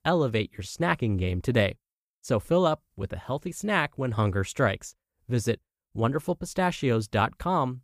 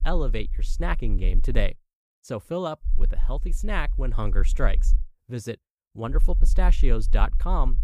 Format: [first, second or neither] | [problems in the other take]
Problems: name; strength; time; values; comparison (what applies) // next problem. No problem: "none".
first | low rumble; faint; until 1.5 s, from 3 to 5 s and from 6 s on; 20 dB below the speech